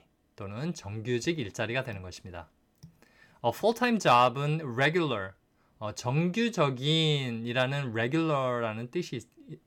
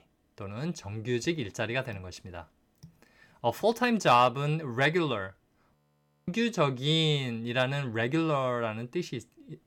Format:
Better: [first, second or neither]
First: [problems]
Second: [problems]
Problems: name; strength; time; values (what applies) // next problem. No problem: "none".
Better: first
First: none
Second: audio freezing; at 6 s for 0.5 s